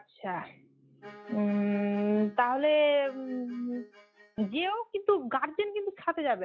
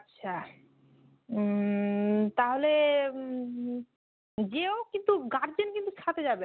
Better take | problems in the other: second | noise reduction (classical method log-MMSE)

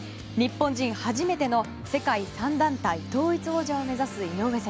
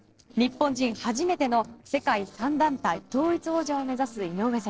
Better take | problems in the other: first | noise reduction (neural separator model SepFormer DNS4)

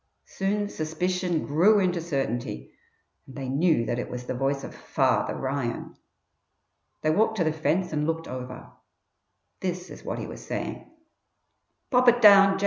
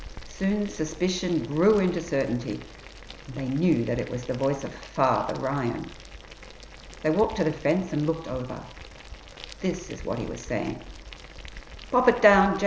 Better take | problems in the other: first | background sound (Boiling); 16 dB below the speech

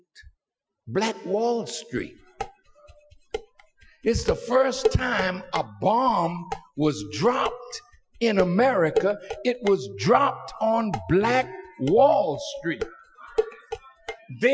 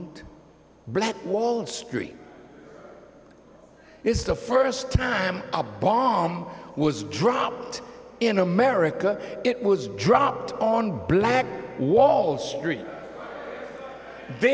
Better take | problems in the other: second | noise reduction (classical method Wiener filter)

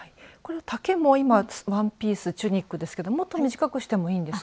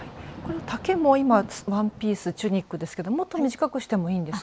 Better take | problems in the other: first | background sound (Thunder / Rain); 18 dB below the speech

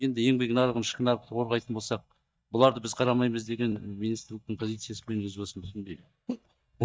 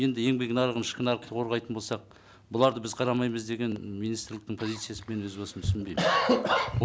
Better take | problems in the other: second | noise reduction (neural mask model DeepFilterNet 3)

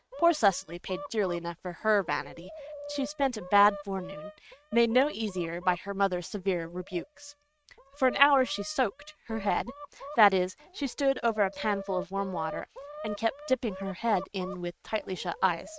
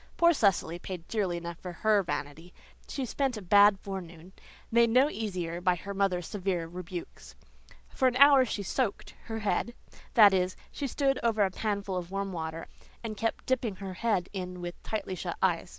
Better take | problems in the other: second | noise reduction (neural mask model RNNoise)

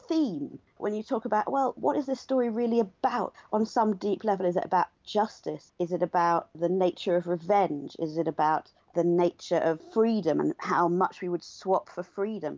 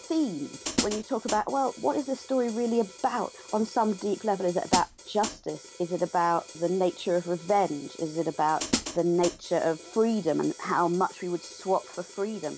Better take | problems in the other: first | background sound (Hi-hat); 11 dB below the speech

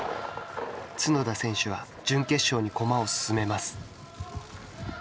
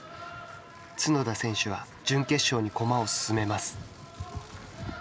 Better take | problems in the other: second | background sound (Thunder); 13 dB below the speech

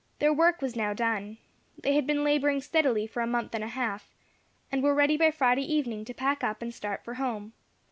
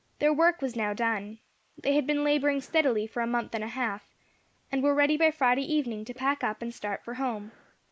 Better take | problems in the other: first | noise reduction (neural mask model Resemble Enhance denoiser)

